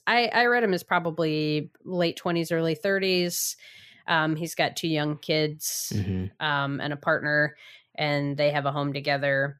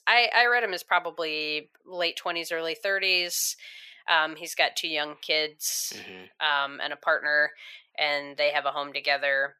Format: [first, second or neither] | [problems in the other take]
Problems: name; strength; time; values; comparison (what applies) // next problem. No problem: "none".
first | thin; very; fading below 700 Hz